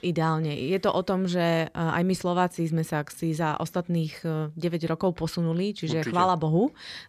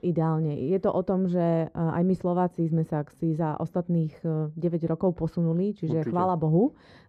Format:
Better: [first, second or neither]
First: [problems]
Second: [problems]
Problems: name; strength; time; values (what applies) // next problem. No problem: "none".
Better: first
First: none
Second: muffled; very; fading above 1.5 kHz